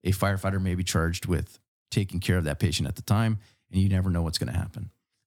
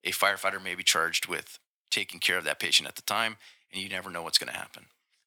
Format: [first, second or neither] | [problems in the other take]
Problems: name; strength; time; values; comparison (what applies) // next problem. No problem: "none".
first | thin; very; fading below 750 Hz